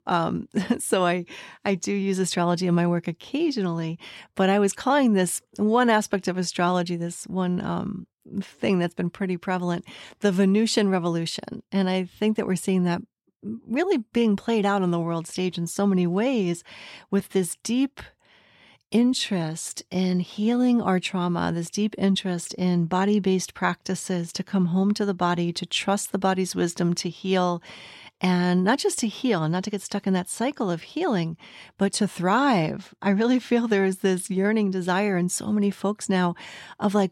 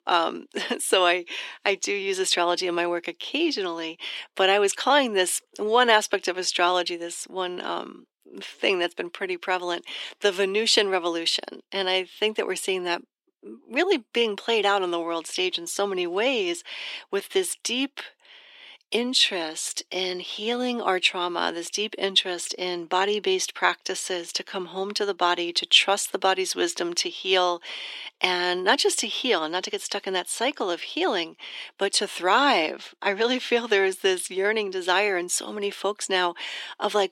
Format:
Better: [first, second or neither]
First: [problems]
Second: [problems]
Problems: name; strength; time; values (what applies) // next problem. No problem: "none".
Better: first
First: none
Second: thin; very; fading below 300 Hz